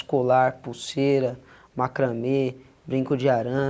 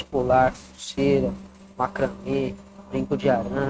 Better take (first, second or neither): first